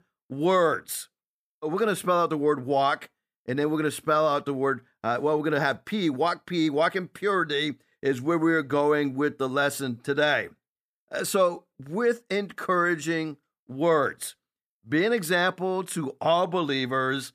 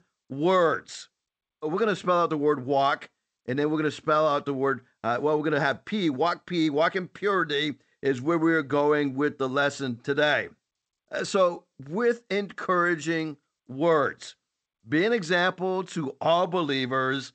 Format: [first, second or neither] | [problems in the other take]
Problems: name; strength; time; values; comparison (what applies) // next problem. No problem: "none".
first | garbled, watery; slightly; nothing above 8 kHz